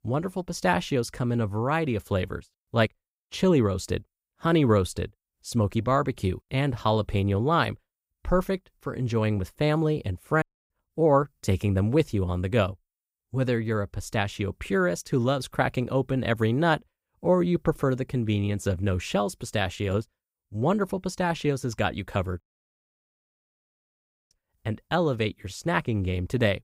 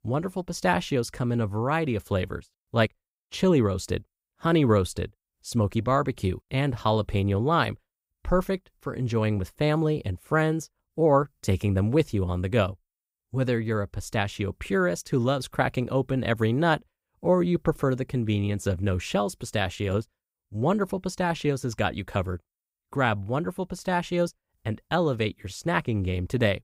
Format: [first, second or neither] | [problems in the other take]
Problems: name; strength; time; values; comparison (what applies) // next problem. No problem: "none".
second | audio cutting out; at 10 s and at 22 s for 2 s